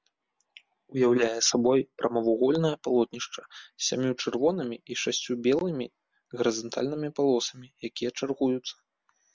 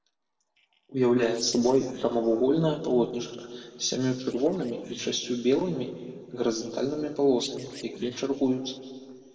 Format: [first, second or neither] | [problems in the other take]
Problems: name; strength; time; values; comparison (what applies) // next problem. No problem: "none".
first | noise reduction (neural separator model SepFormer DNS4)